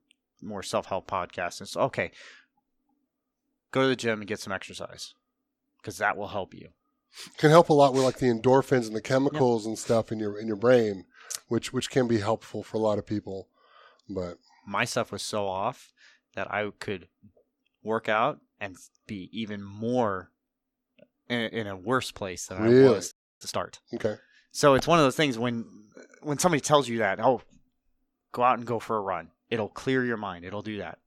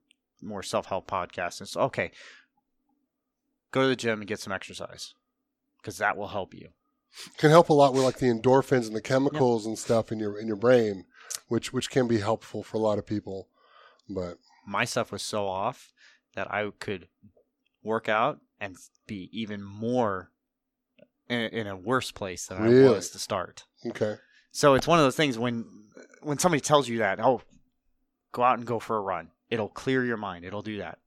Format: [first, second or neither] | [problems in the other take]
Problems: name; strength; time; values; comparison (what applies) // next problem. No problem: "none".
second | audio freezing; at 23 s